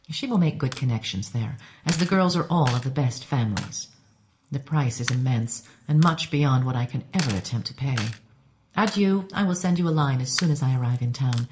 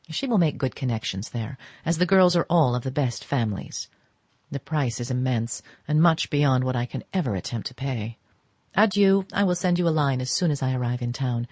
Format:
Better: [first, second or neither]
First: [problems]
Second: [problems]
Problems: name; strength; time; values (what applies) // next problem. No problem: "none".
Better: second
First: background sound (Coin (dropping)); 17 dB below the speech // room echo; dies away in 0.5 s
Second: none